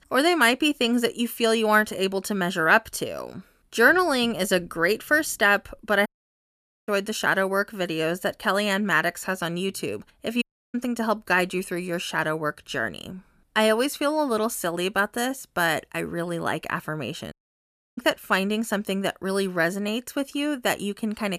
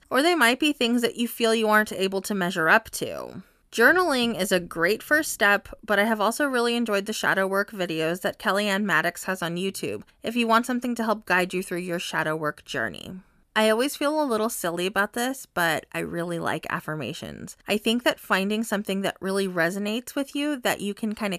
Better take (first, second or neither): second